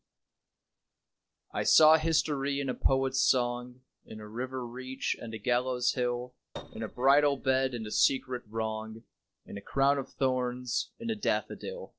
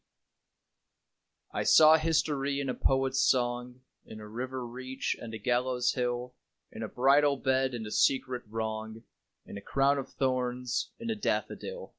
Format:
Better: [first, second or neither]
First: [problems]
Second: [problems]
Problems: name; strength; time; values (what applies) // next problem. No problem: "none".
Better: second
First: noise reduction (neural separator model SepFormer DNS4)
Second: none